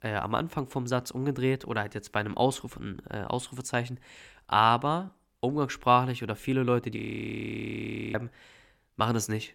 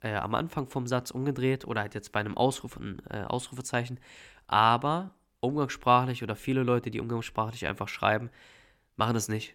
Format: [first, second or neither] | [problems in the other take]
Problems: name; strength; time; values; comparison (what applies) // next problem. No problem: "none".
second | audio freezing; at 7 s for 1 s